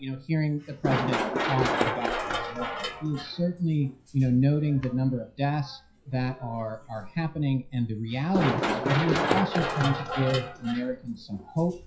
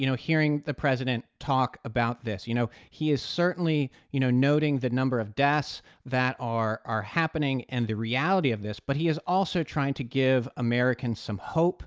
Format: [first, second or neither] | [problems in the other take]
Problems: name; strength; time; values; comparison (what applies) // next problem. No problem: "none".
second | noise reduction (classical method WPE with log-MMSE)